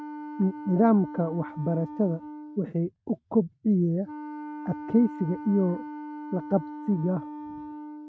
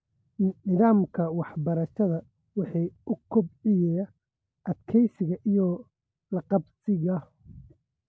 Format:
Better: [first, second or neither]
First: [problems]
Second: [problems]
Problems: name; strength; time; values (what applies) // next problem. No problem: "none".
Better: second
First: noise reduction (neural mask model RNNoise)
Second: none